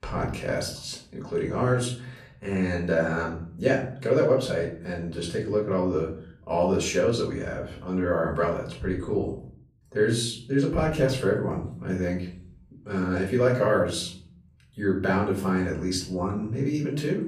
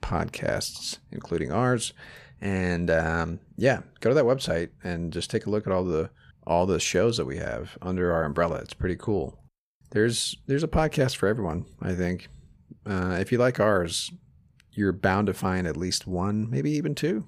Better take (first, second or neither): second